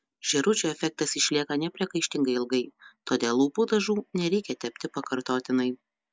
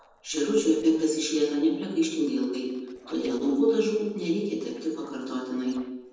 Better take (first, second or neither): first